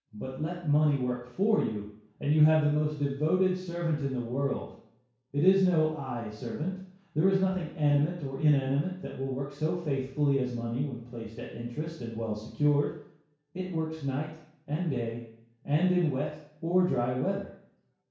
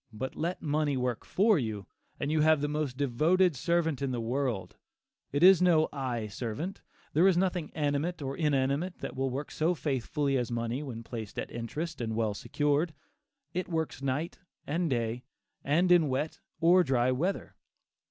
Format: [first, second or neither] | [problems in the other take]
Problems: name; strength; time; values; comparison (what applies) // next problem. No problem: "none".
second | room echo; dies away in 0.6 s